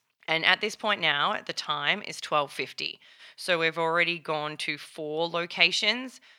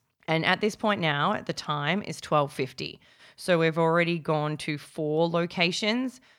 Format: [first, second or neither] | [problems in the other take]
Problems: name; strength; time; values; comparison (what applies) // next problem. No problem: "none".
second | thin; somewhat; fading below 550 Hz